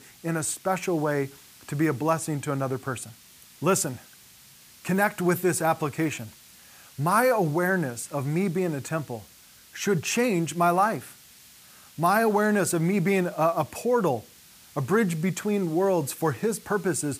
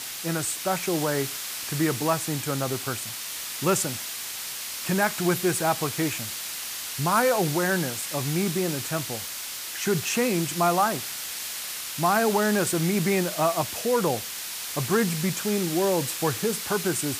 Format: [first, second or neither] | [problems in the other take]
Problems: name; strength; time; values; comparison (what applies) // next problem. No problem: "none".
first | hiss; loud; throughout; 5 dB below the speech; faint in the first